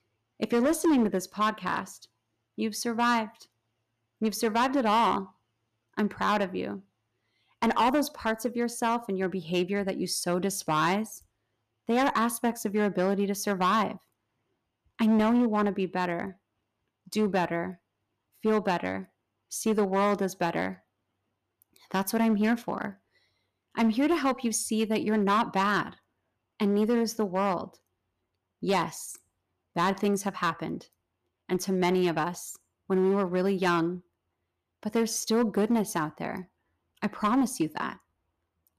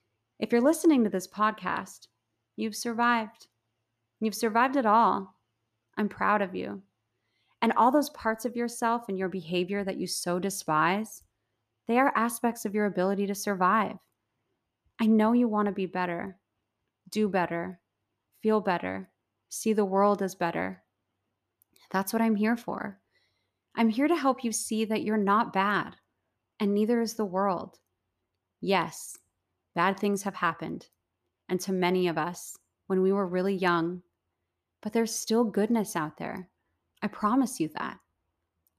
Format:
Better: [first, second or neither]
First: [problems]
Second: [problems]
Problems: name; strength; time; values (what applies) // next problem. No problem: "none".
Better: second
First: distortion; slight; 5% of the sound clipped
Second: none